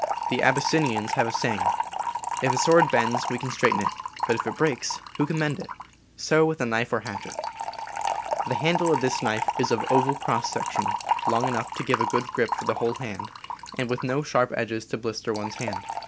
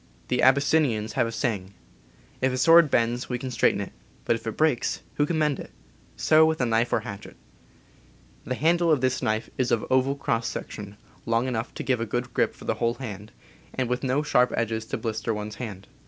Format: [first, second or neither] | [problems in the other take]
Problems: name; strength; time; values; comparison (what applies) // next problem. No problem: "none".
second | background sound (Fill (with liquid) / Trickle, dribble); 3 dB below the speech